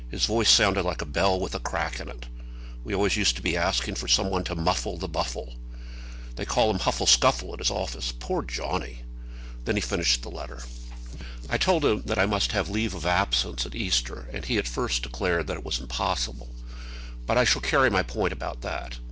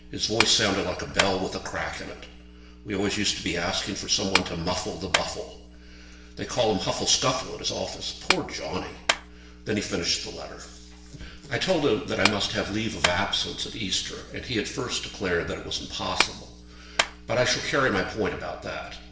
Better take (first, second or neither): first